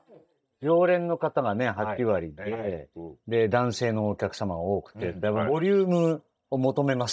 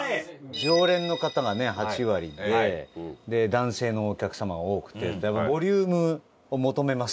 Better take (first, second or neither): second